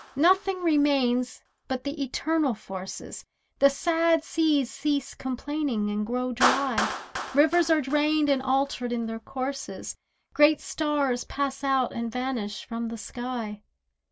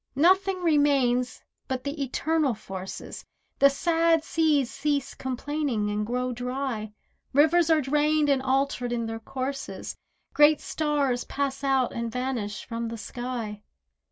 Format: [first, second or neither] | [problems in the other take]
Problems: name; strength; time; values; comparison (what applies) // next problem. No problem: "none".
second | background sound (Clapping); 12 dB below the speech